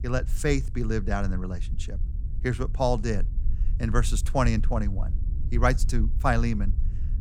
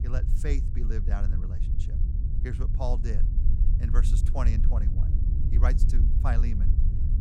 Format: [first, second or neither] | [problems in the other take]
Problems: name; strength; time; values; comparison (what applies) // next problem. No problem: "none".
first | low rumble; loud; throughout; 6 dB below the speech; faint in the first